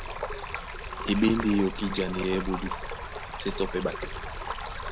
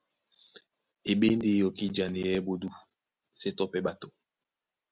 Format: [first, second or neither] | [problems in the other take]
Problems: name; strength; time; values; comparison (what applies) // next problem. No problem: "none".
second | background sound (Stream); 4 dB below the speech